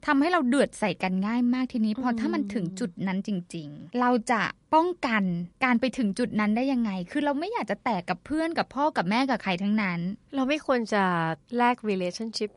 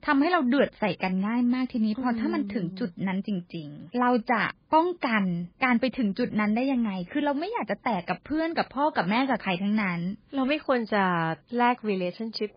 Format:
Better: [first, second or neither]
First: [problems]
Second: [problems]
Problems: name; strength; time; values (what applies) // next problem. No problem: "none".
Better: first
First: garbled, watery; slightly; nothing above 10.5 kHz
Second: garbled, watery; badly